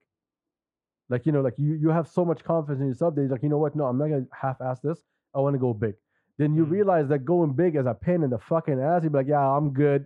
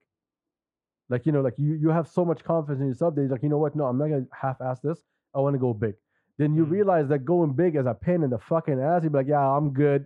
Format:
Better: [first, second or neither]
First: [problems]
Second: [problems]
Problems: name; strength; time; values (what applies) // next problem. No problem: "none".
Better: neither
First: muffled; very; fading above 2.5 kHz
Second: muffled; very; fading above 2.5 kHz